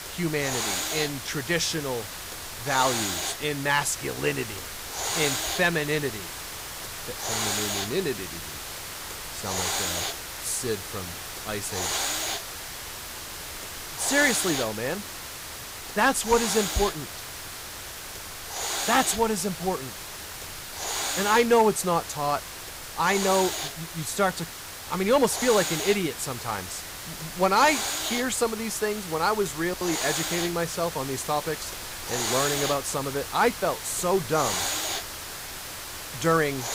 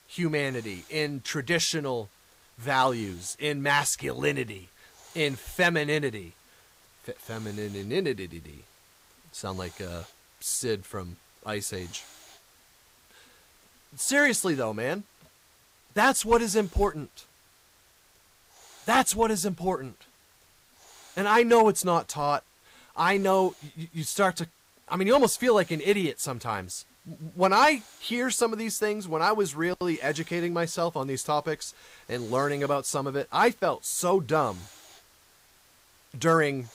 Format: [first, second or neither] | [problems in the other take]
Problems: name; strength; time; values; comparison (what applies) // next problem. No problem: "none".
second | hiss; loud; throughout; 4 dB below the speech; faint in the second